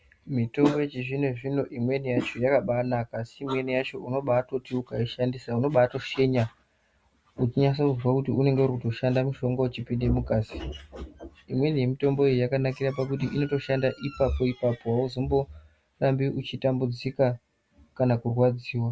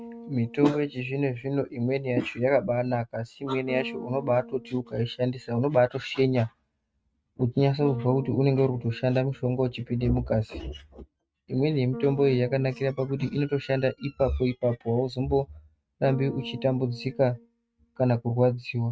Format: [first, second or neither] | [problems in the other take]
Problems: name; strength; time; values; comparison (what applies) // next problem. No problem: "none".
first | noise reduction (neural mask model RNNoise)